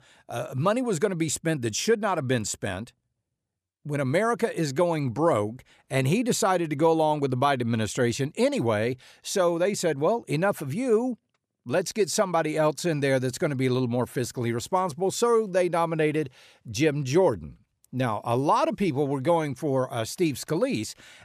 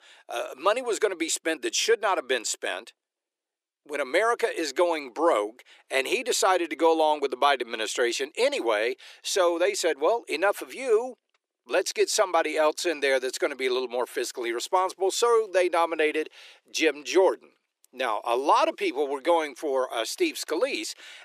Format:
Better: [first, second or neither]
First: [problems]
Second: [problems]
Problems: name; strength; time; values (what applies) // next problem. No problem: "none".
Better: first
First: none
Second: thin; very; fading below 350 Hz